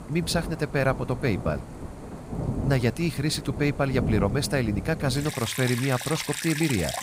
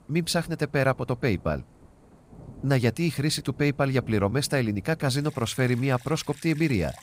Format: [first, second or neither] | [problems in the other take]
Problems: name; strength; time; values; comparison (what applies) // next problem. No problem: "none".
second | rain or running water; loud; throughout; 7 dB below the speech; faint in the second